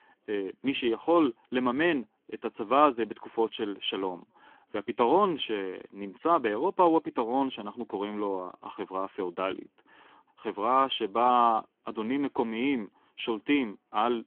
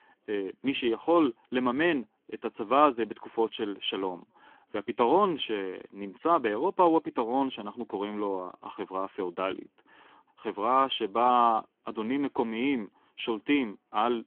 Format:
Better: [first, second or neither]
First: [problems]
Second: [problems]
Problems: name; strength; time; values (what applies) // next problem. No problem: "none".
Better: neither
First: phone-call audio; nothing above 3.5 kHz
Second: phone-call audio; nothing above 3.5 kHz